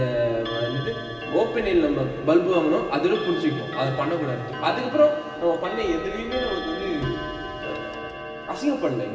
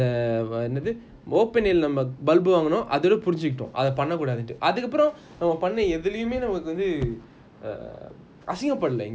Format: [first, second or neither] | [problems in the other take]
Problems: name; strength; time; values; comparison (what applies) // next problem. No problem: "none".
second | background sound (Clock); 10 dB below the speech // room echo; dies away in 2.5 s